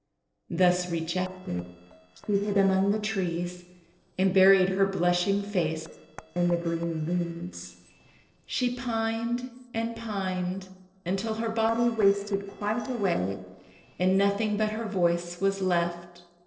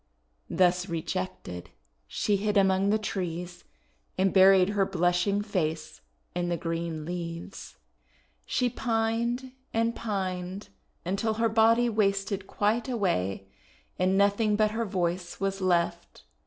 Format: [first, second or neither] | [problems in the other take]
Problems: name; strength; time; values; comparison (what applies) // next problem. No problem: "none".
second | noise reduction (neural separator model SepFormer DNS4)